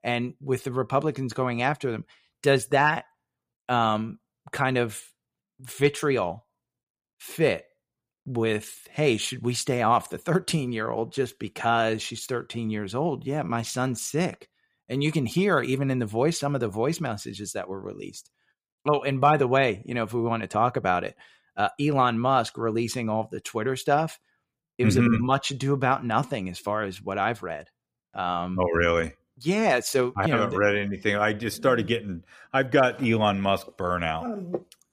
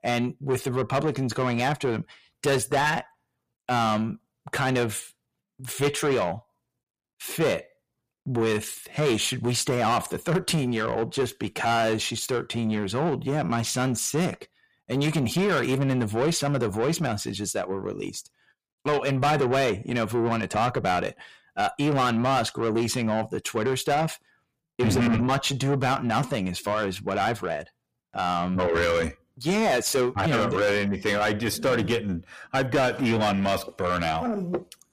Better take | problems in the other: first | distortion; heavy; 7 dB below the speech

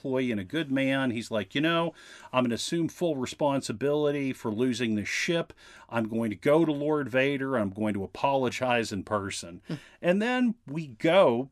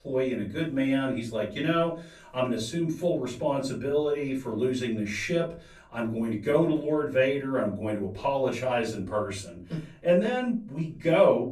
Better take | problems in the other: first | room echo; slight; dies away in 0.3 s // off-mic speech; far

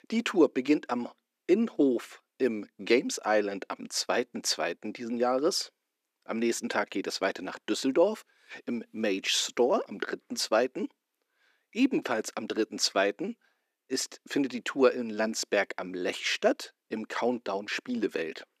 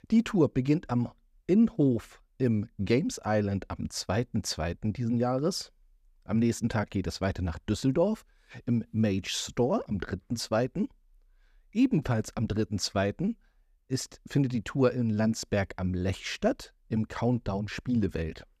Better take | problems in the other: second | thin; somewhat; fading below 300 Hz

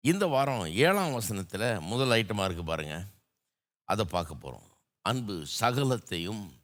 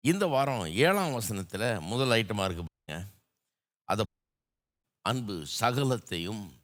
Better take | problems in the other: first | audio cutting out; at 2.5 s and at 4 s for 1 s

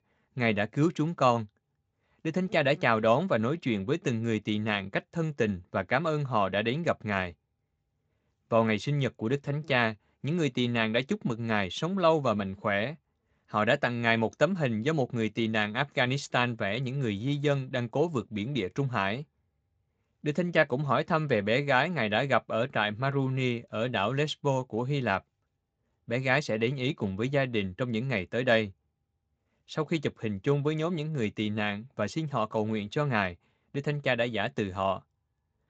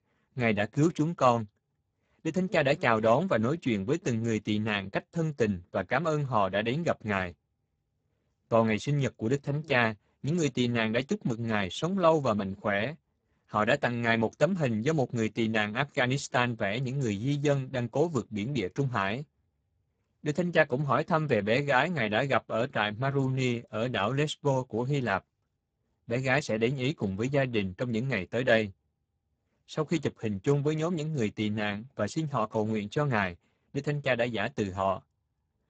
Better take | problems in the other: first | garbled, watery; badly; nothing above 7.5 kHz; slightly in the first

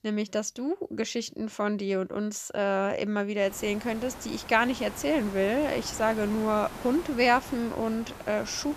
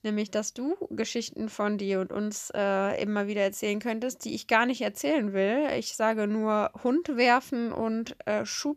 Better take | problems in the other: second | hiss; noticeable; from 3.5 s on; 15 dB below the speech

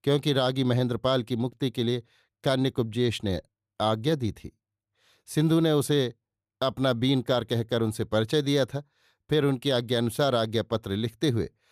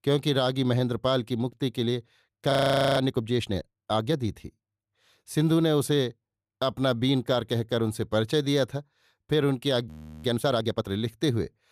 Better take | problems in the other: first | audio freezing; at 2.5 s and at 10 s

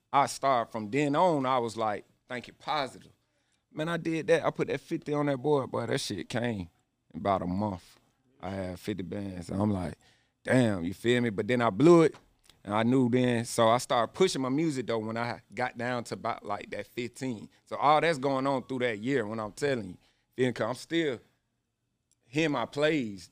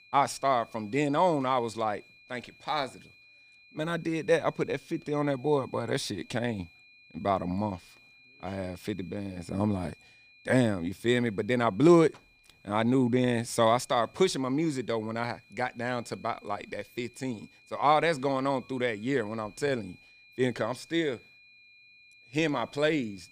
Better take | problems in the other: first | high-pitched whine; faint; throughout; 2.5 kHz, 25 dB below the speech

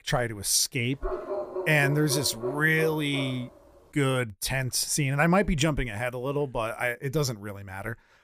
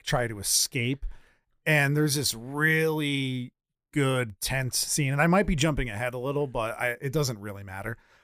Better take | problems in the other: second | dog barking; noticeable; from 1 to 3.5 s; peak 6 dB below the speech

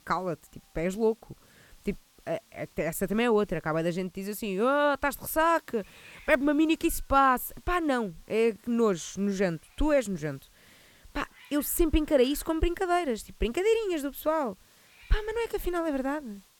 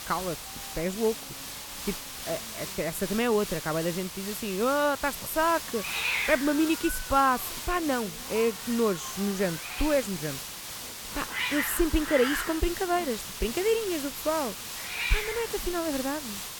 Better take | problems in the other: first | hiss; loud; throughout; 5 dB below the speech; faint in the first

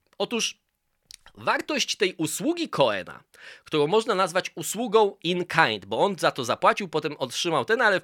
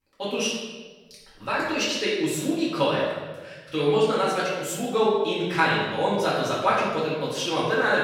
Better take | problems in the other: first | room echo; strong; dies away in 1.2 s // off-mic speech; far

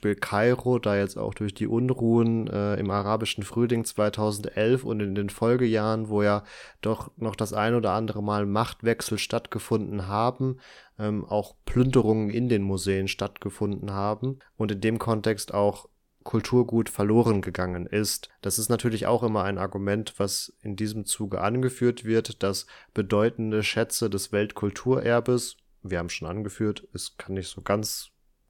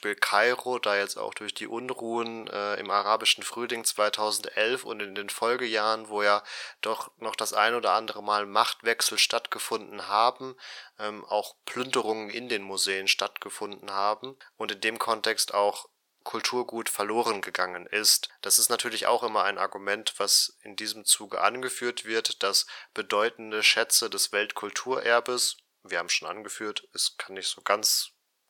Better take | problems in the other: first | thin; very; fading below 800 Hz

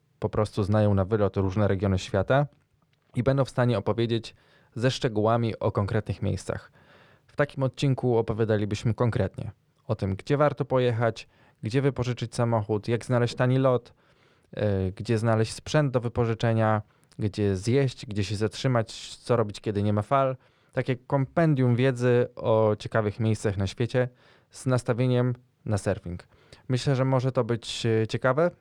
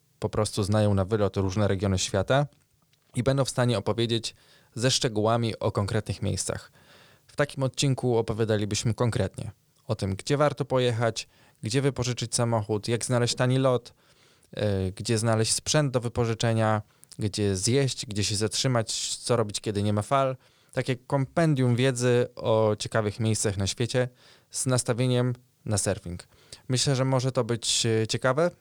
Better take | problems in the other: second | muffled; slightly; fading above 4 kHz

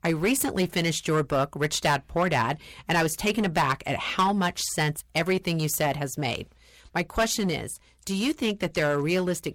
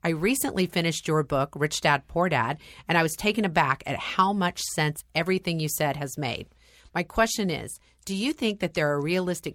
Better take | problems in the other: second | distortion; slight; 7% of the sound clipped

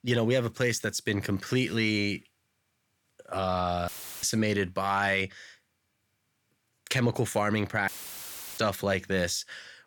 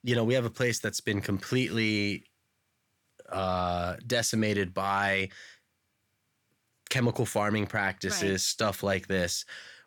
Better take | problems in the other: second | audio cutting out; filled with static; at 4 s and at 8 s for 0.5 s

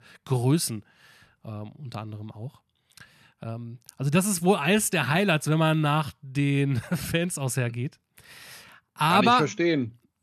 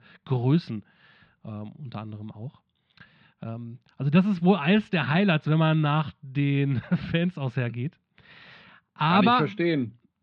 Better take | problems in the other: first | muffled; slightly; fading above 4 kHz

